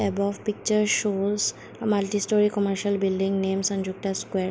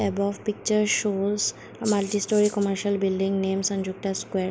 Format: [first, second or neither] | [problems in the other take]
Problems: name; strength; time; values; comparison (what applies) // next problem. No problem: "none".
first | background sound (Rattle (instrument)); 14 dB below the speech